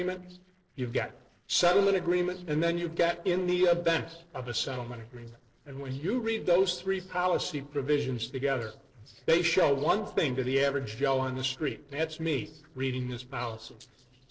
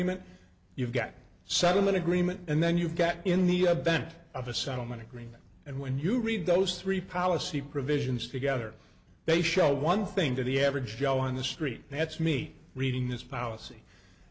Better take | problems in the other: second | noise reduction (neural separator model SepFormer DNS4)

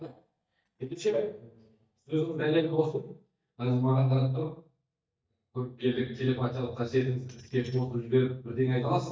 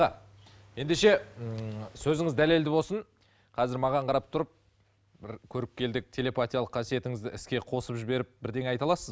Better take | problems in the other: second | noise reduction (neural mask model DeepFilterNet 3)

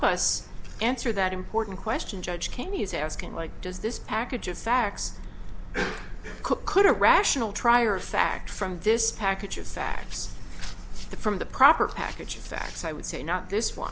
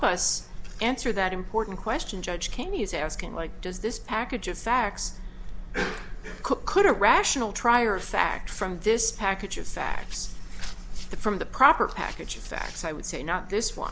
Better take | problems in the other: second | background sound (Car); 19 dB below the speech

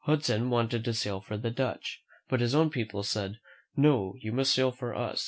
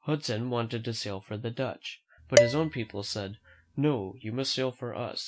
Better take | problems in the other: first | background sound (Dishes, pots, and pans); 2 dB above the speech

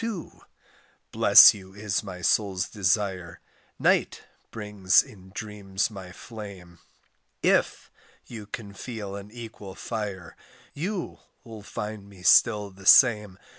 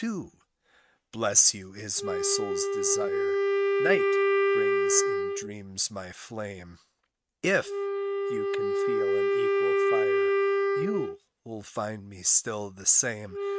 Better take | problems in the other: first | noise reduction (neural mask model RNNoise)

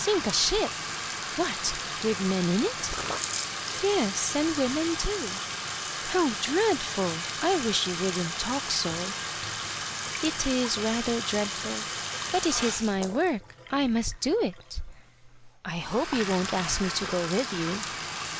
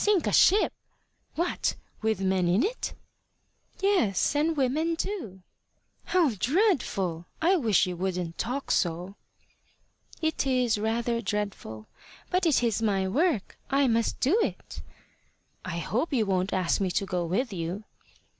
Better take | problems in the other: second | background sound (Bathtub (filling or washing)); 5 dB below the speech

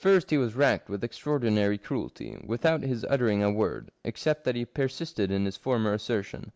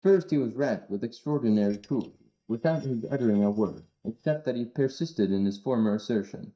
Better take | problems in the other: first | noise reduction (neural mask model DeepFilterNet 3)

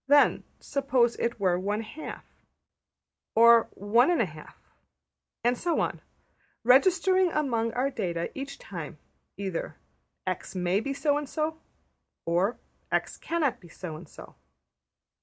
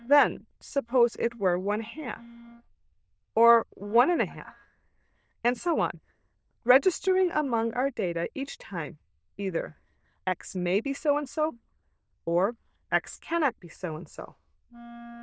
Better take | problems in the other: first | noise reduction (neural diffusion model UNIVERSE++)

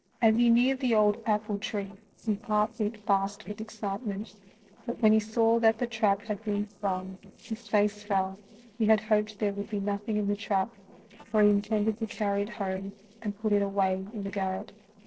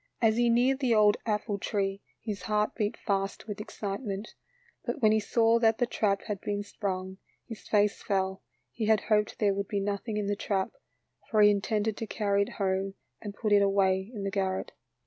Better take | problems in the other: second | noise reduction (neural separator model SepFormer DNS4)

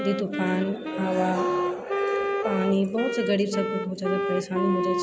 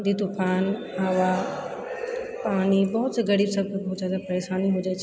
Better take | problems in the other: second | background sound (Wind instrument, woodwind instrument); 2 dB below the speech

